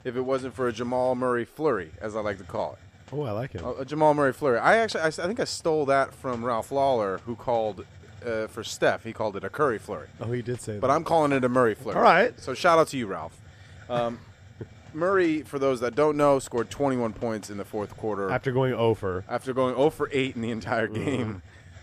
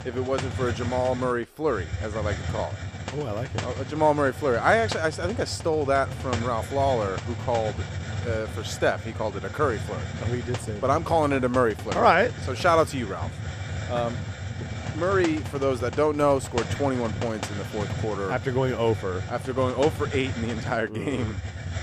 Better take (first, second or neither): first